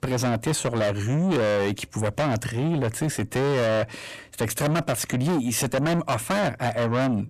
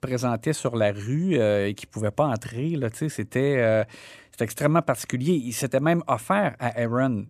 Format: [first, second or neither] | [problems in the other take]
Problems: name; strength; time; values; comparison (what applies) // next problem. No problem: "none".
second | distortion; heavy; 5 dB below the speech